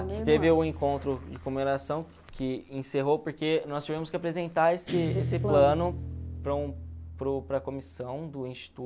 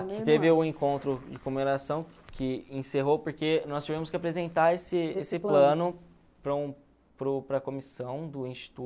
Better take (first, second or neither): second